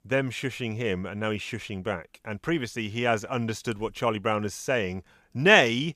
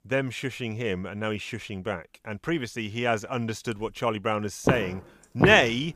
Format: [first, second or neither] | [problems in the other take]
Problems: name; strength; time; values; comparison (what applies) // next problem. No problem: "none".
first | footsteps; loud; at 4.5 s; peak 1 dB above the speech